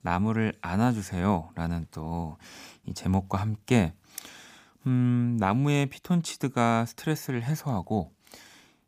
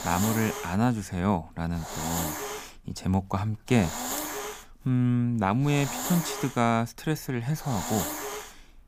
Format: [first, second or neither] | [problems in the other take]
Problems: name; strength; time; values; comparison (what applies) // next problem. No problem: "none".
first | hiss; loud; throughout; 6 dB below the speech